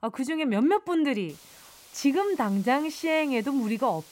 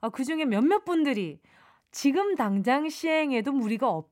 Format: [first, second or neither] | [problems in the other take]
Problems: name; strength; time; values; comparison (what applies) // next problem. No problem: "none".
second | hiss; faint; from 1.5 s on; 25 dB below the speech